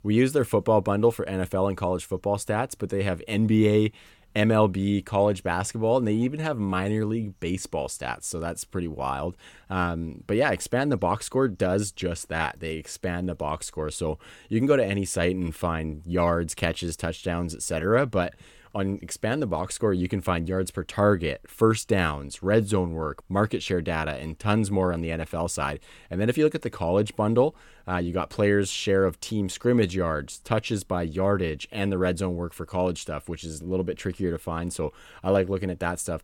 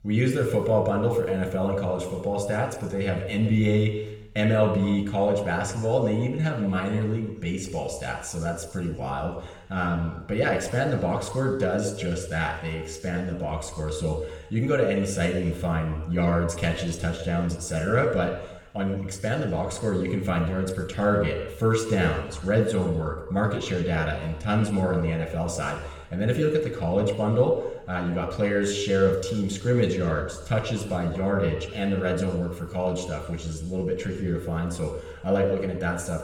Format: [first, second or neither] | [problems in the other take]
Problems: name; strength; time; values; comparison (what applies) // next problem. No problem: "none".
first | room echo; noticeable; dies away in 1 s // off-mic speech; somewhat distant